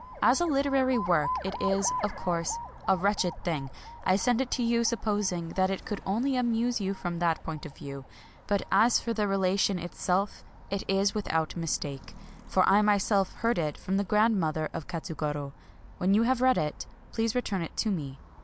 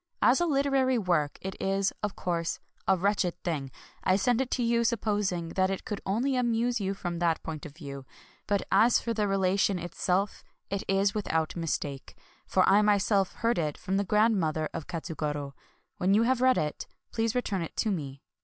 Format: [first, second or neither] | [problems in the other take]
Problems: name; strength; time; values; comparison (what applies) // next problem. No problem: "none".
second | background sound (Alarm); 14 dB below the speech